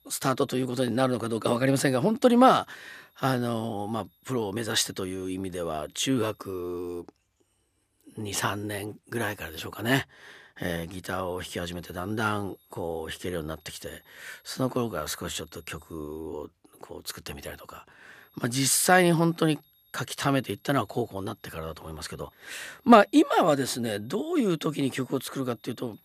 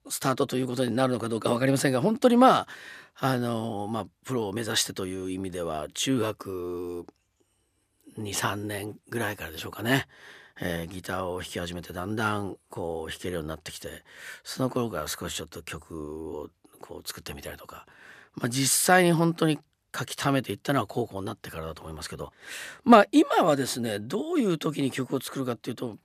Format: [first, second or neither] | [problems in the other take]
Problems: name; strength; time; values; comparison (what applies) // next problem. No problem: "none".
second | high-pitched whine; faint; until 6.5 s, from 11 to 16 s and from 18 s on; 11.5 kHz, 35 dB below the speech